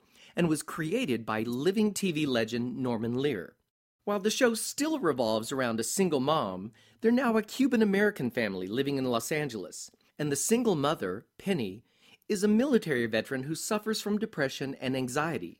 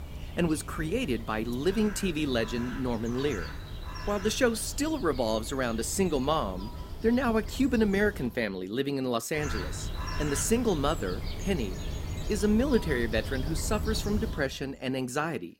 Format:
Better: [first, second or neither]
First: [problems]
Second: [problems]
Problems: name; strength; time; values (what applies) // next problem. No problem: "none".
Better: first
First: none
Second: animal sounds; loud; throughout; 9 dB below the speech